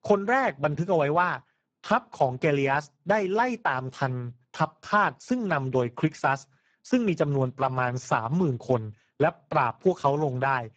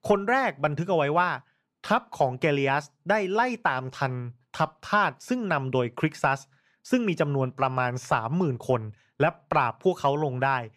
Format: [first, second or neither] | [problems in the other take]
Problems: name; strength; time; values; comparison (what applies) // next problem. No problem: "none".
second | garbled, watery; badly; nothing above 7.5 kHz